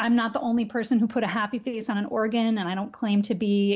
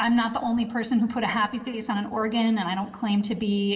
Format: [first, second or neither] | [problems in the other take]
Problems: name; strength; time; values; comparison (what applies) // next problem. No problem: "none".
first | room echo; dies away in 2.5 s